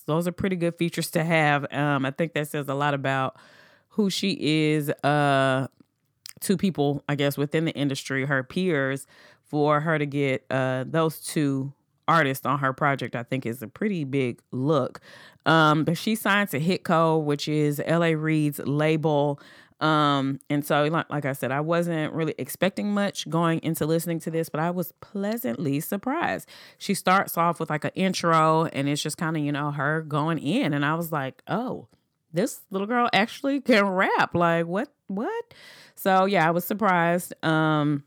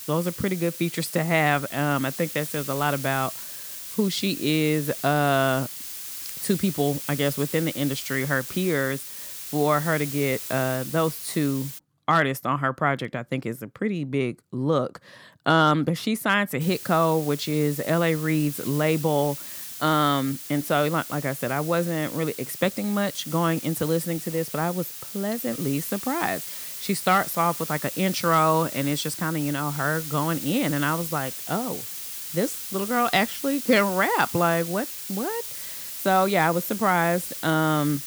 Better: first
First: none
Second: hiss; loud; until 12 s and from 17 s on; 8 dB below the speech

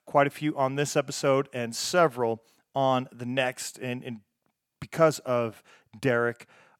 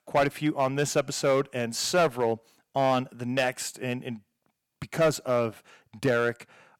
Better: first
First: none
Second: distortion; slight; 3% of the sound clipped

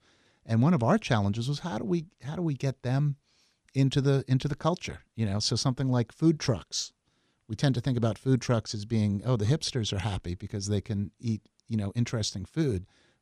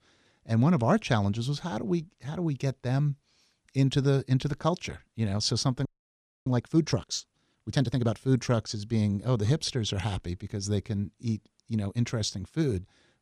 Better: first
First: none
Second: audio freezing; at 6 s for 0.5 s

